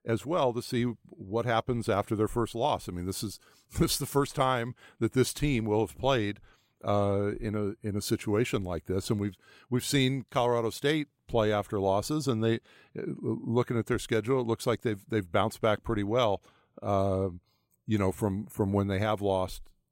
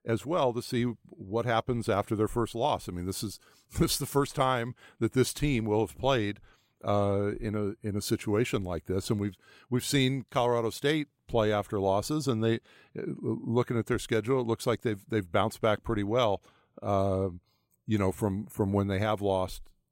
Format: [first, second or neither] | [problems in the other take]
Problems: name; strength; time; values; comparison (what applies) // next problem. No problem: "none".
neither | none